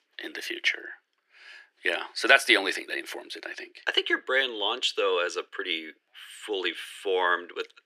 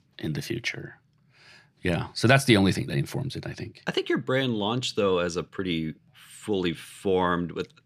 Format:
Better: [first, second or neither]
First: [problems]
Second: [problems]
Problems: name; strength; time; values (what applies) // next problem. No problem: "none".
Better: second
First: thin; very; fading below 350 Hz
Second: none